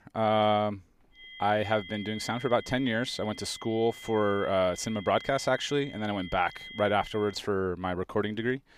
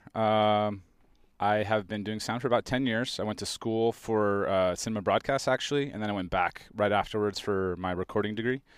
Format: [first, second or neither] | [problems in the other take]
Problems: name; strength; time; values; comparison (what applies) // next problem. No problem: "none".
second | high-pitched whine; noticeable; from 1 to 7.5 s; 2 kHz, 15 dB below the speech